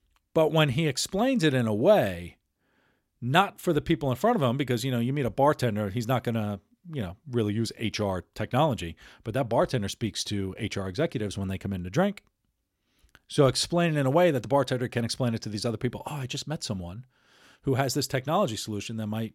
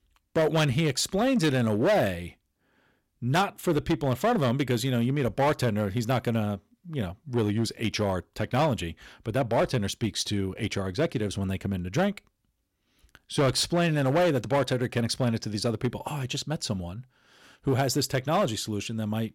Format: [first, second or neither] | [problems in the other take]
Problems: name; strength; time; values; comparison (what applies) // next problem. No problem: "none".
first | distortion; slight; 6% of the sound clipped